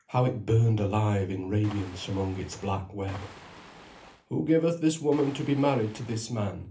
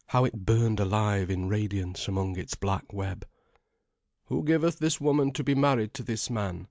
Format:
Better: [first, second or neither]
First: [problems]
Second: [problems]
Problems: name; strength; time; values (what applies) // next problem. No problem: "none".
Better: second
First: background sound (Waves, surf); 19 dB below the speech // room echo; dies away in 0.3 s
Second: none